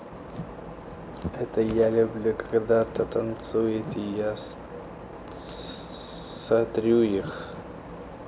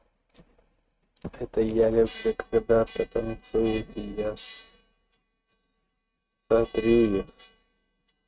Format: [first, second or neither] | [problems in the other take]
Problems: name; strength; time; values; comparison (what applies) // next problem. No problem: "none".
first | noise reduction (neural mask model RNNoise)